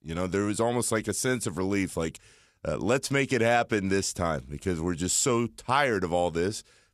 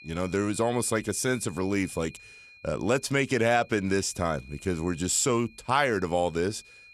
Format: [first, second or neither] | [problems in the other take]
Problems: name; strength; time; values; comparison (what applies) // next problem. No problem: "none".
first | high-pitched whine; faint; throughout; 2.5 kHz, 25 dB below the speech